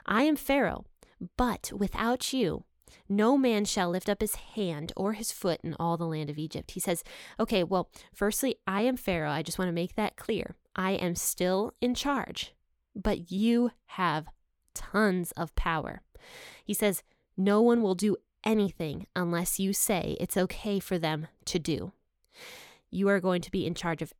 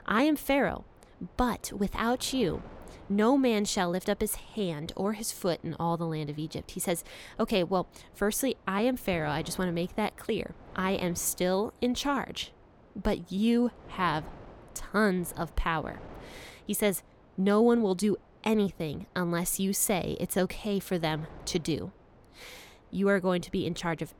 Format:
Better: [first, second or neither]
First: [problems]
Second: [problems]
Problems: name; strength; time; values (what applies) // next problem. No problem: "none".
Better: first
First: none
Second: wind noise on the microphone; occasional gusts; 25 dB below the speech